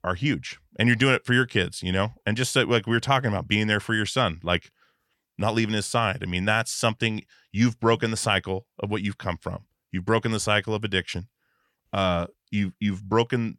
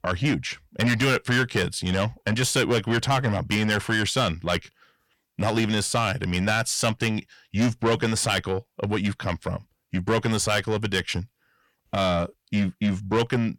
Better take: first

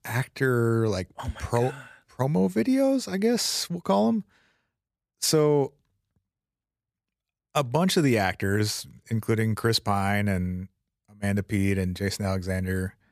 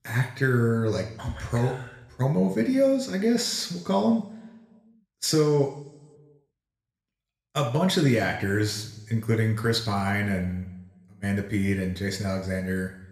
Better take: first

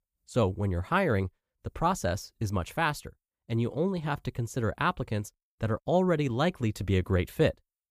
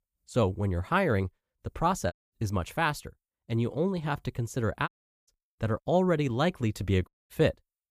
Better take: first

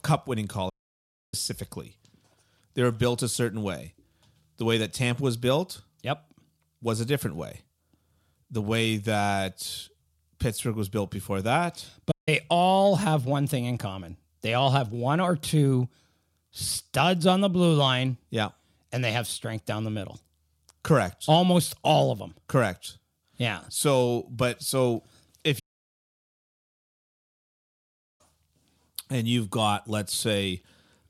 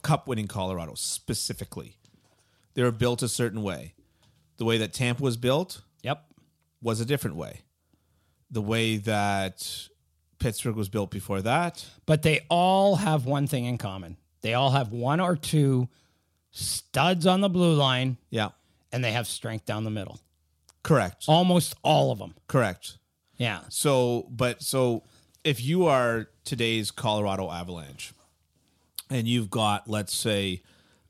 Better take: second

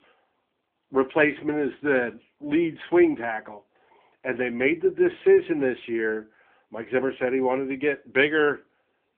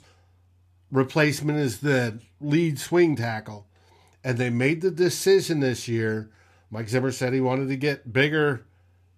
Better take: second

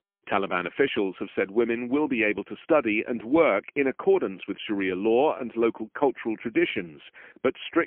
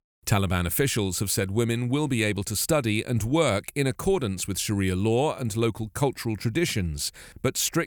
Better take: second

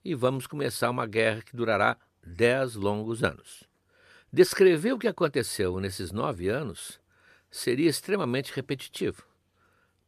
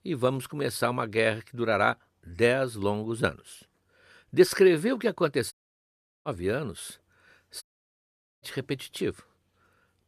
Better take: first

